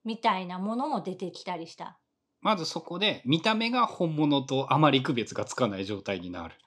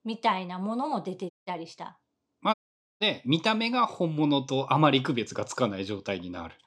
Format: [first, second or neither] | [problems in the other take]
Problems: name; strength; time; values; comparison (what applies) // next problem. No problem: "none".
first | audio cutting out; at 1.5 s and at 2.5 s